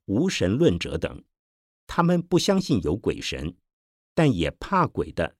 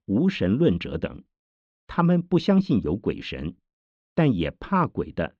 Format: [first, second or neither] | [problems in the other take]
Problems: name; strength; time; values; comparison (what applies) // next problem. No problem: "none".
first | muffled; slightly; fading above 3.5 kHz